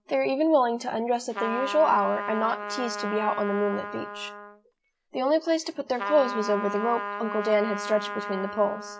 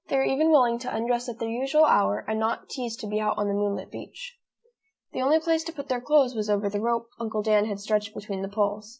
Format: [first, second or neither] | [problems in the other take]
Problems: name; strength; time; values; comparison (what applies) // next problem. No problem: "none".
second | background sound (Trumpet); 8 dB below the speech